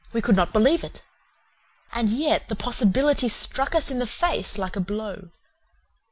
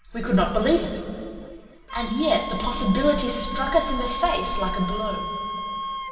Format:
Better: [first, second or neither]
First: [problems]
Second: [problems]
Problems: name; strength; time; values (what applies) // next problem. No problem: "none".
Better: first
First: none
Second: background sound (Wind instrument, woodwind instrument); 8 dB below the speech // room echo; dies away in 2.4 s